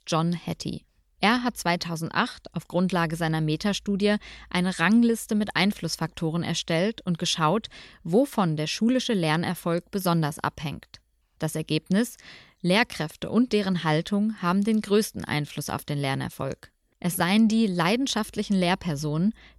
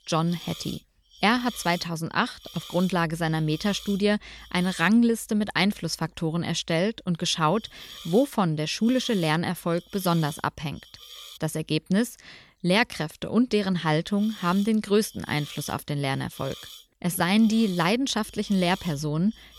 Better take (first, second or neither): first